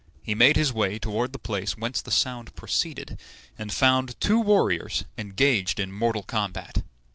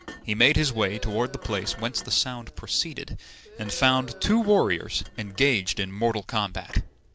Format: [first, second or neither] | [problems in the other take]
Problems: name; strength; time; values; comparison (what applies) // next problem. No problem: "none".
first | background sound (Thump, thud + Crowd); 19 dB below the speech